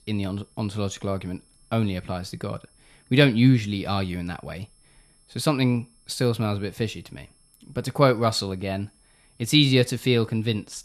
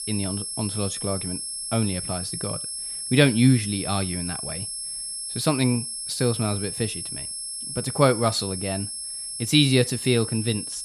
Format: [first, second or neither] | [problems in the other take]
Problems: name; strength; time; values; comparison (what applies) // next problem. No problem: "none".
first | high-pitched whine; loud; throughout; 11 kHz, 5 dB below the speech; faint in the first